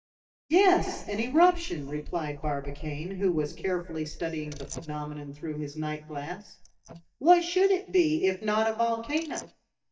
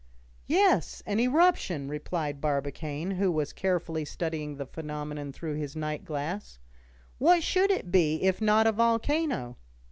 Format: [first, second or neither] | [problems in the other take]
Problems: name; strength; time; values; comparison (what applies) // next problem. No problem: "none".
second | noise reduction (neural mask model DeepFilterNet 3)